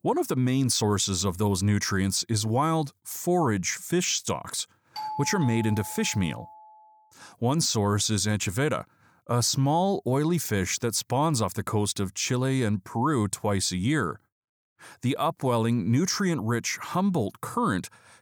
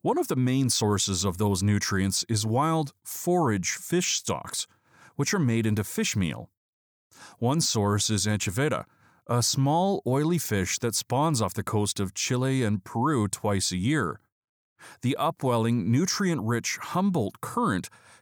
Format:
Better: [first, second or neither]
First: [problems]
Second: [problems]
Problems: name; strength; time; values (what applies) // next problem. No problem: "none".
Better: second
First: doorbell; noticeable; from 5 to 6.5 s; peak 8 dB below the speech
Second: none